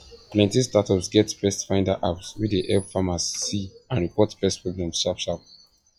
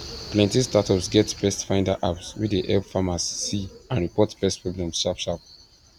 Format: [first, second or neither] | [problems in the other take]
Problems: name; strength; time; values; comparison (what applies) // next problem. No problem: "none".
second | noise reduction (classical method log-MMSE)